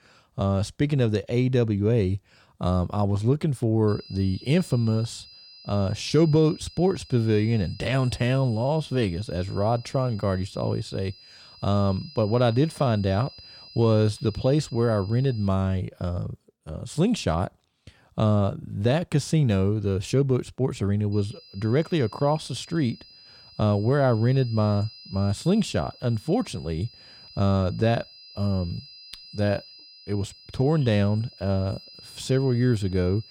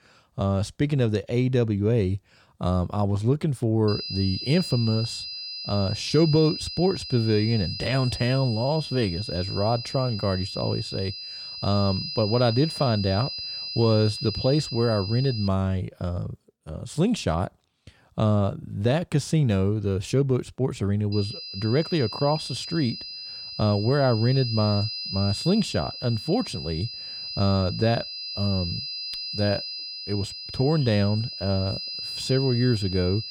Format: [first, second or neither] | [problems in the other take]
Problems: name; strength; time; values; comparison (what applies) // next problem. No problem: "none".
first | high-pitched whine; loud; from 4 to 15 s and from 21 s on; 5 kHz, 7 dB below the speech; faint in the first